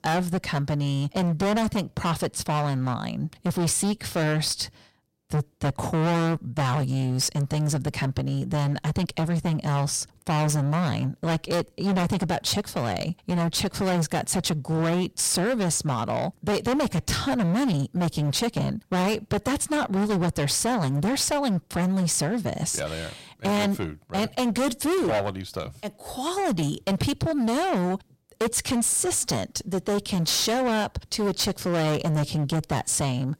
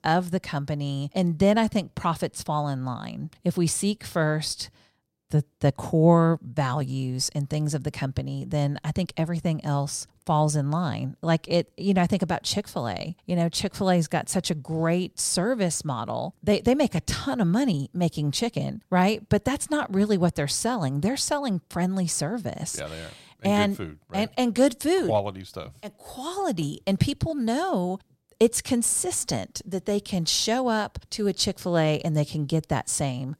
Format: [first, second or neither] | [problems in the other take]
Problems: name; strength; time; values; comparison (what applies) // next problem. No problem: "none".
second | distortion; heavy; 24% of the sound clipped